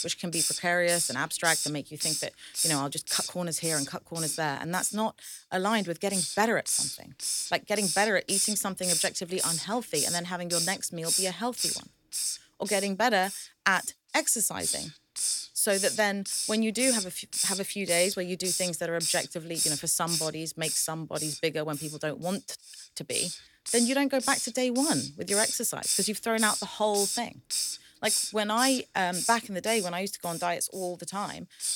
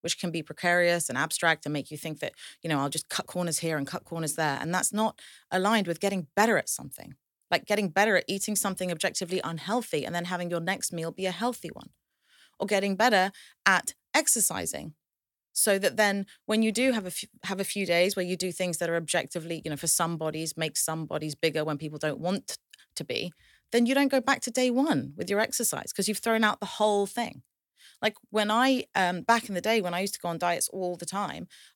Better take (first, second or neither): second